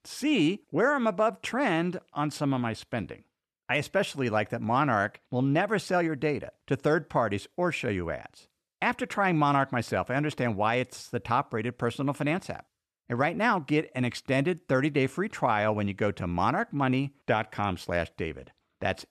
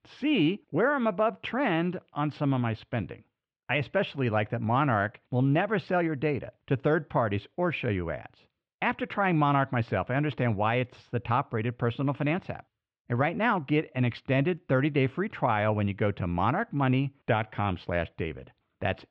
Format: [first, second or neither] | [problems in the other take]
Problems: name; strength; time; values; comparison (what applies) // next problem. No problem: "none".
first | muffled; slightly; fading above 3 kHz